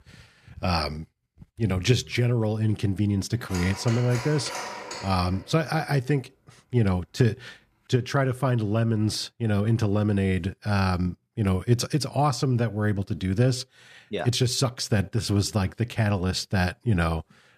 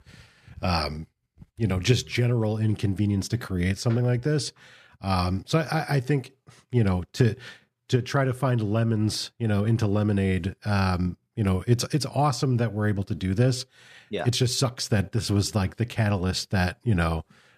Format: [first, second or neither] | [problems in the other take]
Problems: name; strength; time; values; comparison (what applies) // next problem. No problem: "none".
second | phone ringing; noticeable; from 3.5 to 5.5 s; peak 8 dB below the speech